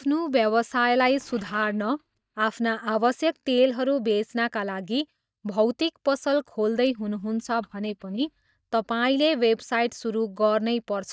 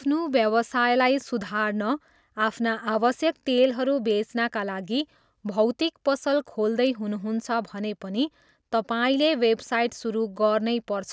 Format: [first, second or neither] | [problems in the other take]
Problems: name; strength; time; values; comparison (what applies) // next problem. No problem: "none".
second | noise reduction (neural mask model DeepFilterNet 3)